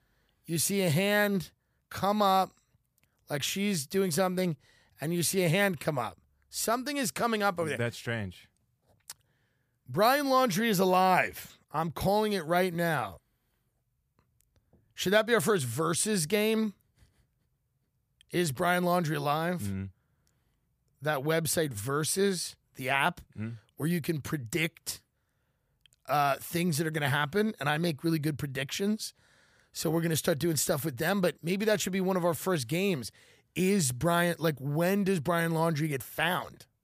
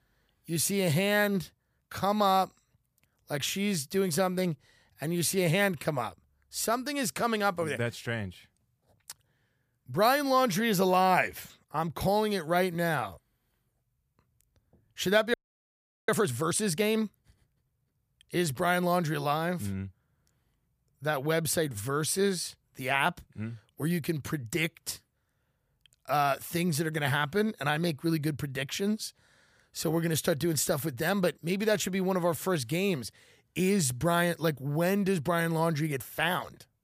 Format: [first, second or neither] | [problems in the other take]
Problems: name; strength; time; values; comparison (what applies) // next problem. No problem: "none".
first | audio freezing; at 15 s for 0.5 s